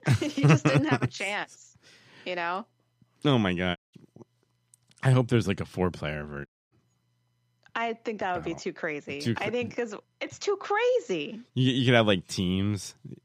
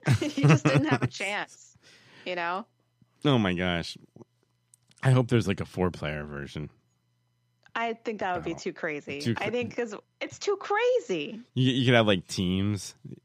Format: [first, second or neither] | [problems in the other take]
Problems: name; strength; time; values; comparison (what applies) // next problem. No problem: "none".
second | audio cutting out; at 4 s and at 6.5 s